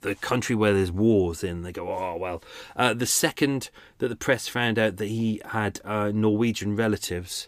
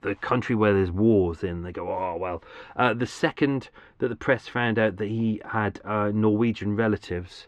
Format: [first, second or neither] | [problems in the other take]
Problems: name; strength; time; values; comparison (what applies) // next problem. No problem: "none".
first | muffled; very; fading above 2.5 kHz